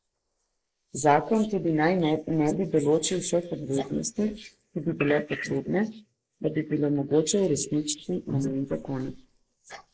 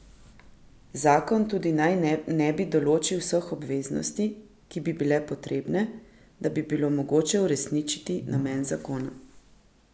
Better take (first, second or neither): second